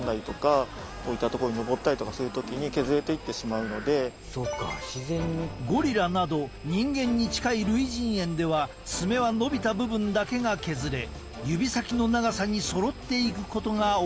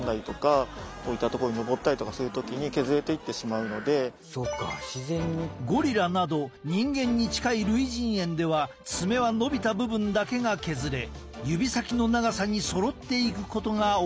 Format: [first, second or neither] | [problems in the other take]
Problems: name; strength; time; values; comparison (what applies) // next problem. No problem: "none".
second | background sound (Engine); 18 dB below the speech